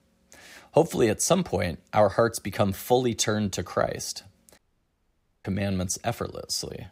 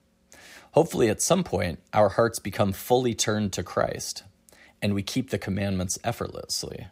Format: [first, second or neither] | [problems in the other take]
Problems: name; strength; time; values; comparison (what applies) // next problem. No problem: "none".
second | audio cutting out; at 4.5 s for 1 s